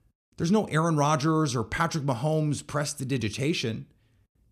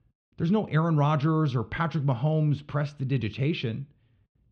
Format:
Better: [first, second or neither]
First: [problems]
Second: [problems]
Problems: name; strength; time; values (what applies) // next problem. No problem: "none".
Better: first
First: none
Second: muffled; slightly; fading above 3.5 kHz